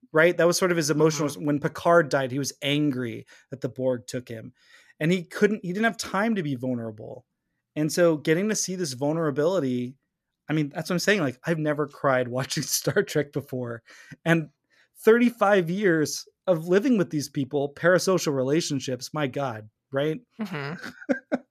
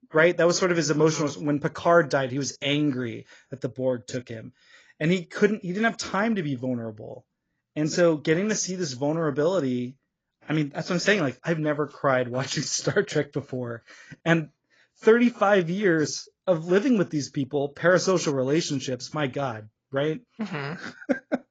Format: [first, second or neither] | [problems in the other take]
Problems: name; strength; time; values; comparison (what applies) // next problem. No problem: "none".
first | garbled, watery; badly